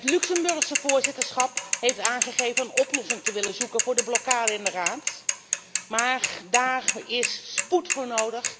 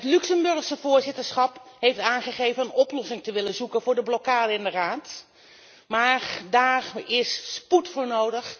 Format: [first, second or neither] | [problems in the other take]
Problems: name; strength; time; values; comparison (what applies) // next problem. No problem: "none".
second | background sound (Mechanisms / Bicycle); 1 dB below the speech